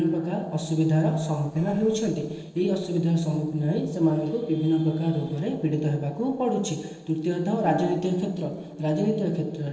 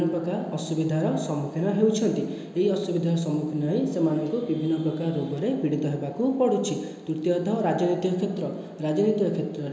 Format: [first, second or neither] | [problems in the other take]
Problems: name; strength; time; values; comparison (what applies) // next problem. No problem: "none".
second | noise reduction (neural separator model SepFormer DNS4)